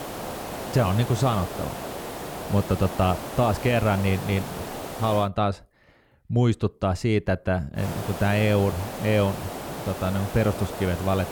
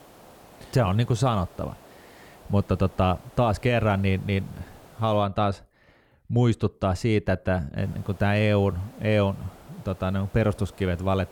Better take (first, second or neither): second